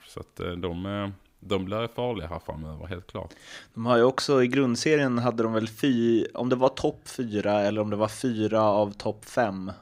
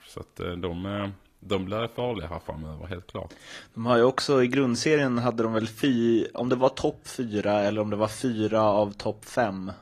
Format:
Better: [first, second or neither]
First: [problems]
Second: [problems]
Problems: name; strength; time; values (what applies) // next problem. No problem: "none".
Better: first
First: none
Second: garbled, watery; slightly; nothing above 14.5 kHz